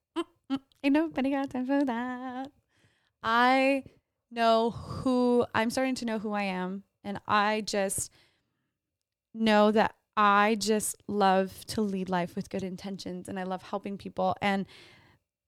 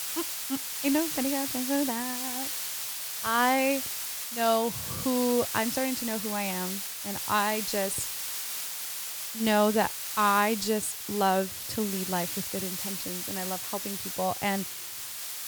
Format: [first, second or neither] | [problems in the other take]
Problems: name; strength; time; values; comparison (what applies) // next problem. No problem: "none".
first | hiss; loud; throughout; 3 dB below the speech